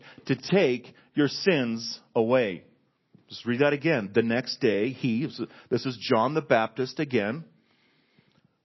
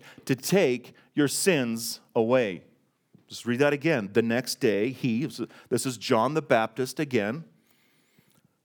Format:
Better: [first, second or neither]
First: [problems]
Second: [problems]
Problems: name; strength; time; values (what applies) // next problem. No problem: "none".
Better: second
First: garbled, watery; slightly; nothing above 5.5 kHz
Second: none